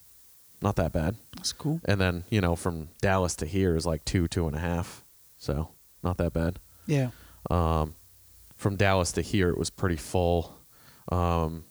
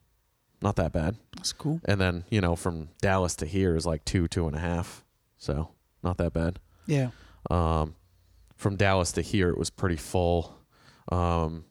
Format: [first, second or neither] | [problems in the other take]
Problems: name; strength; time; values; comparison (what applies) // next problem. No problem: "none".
second | hiss; faint; throughout; 25 dB below the speech